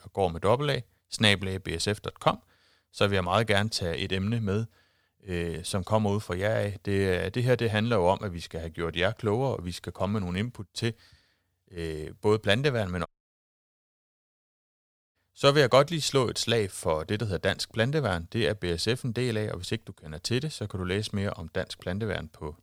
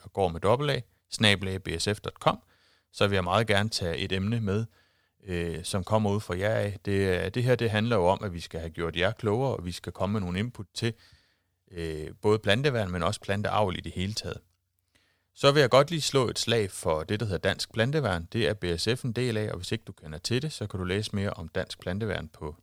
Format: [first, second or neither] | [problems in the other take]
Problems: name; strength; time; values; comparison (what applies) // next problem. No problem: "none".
second | audio cutting out; at 13 s for 2 s